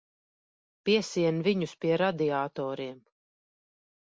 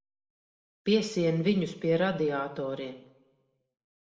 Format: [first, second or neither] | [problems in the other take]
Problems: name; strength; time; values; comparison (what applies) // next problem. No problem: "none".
first | room echo; dies away in 0.8 s